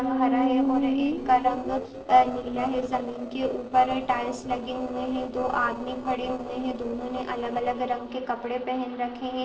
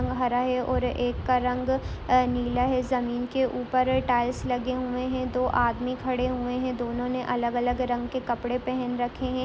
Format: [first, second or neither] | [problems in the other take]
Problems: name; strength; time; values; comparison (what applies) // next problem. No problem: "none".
second | noise reduction (neural separator model SepFormer DNS4)